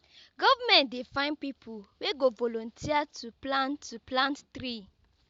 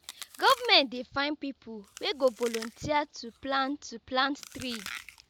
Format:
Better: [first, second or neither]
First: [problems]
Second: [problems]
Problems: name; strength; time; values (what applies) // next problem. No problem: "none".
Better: first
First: none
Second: background sound (Chewing, mastication); 16 dB below the speech